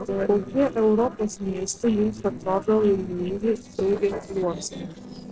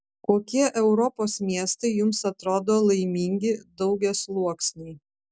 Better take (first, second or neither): second